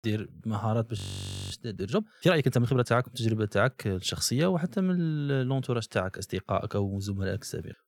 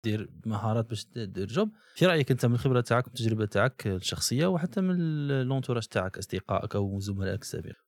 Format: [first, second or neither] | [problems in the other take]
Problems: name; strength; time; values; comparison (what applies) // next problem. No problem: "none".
second | audio freezing; at 1 s for 0.5 s